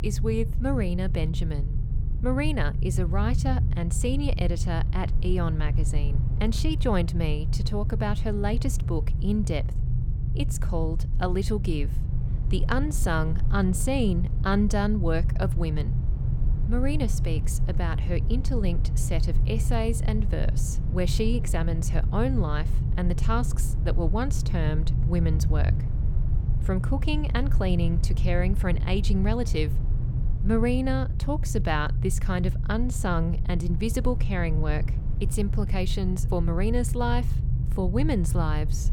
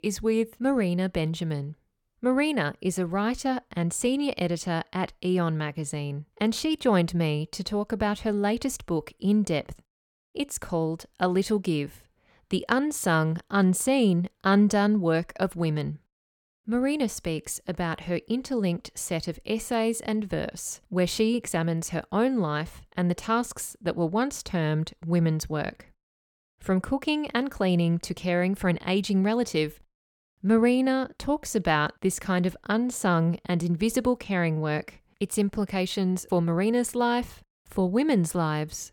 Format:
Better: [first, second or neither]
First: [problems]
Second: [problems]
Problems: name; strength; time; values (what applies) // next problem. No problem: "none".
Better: second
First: low rumble; noticeable; throughout; 10 dB below the speech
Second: none